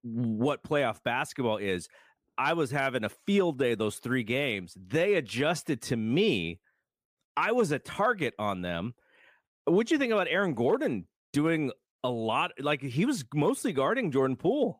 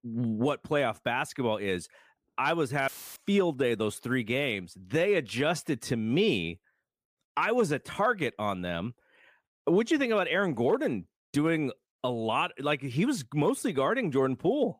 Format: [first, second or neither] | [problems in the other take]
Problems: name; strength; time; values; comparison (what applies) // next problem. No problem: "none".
first | audio cutting out; filled with static; at 3 s